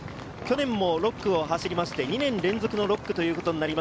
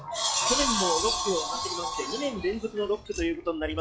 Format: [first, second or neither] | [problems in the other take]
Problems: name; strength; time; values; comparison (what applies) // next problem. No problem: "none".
first | noise reduction (classical method log-MMSE)